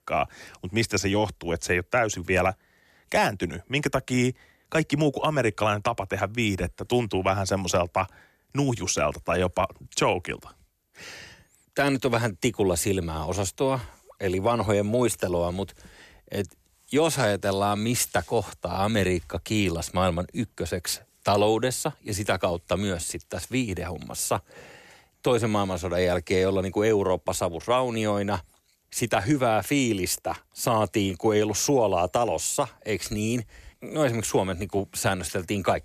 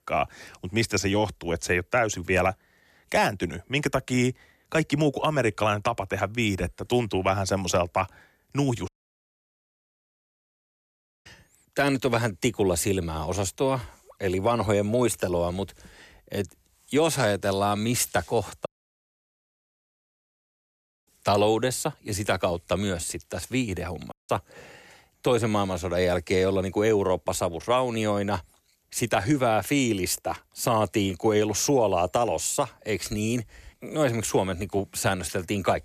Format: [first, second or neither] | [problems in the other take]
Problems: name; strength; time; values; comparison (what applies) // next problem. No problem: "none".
first | audio cutting out; at 9 s for 2.5 s, at 19 s for 2.5 s and at 24 s